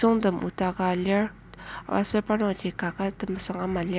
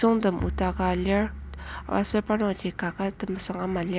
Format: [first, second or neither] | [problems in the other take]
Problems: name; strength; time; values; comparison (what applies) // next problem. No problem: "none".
first | background sound (Bowed string instrument); 11 dB below the speech